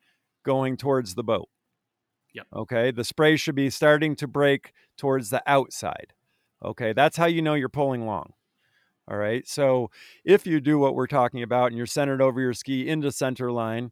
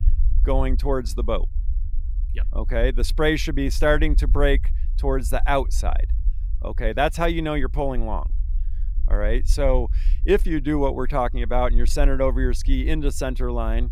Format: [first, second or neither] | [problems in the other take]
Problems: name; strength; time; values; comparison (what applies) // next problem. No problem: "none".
first | low rumble; faint; throughout; 25 dB below the speech